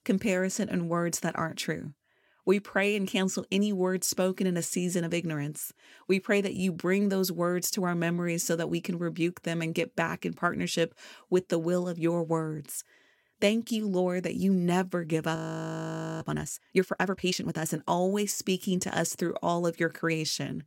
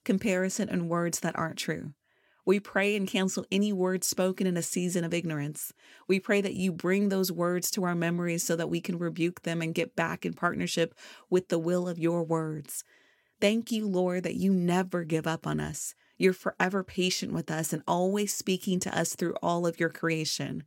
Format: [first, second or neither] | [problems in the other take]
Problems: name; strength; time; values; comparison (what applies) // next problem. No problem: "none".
second | audio freezing; at 15 s for 1 s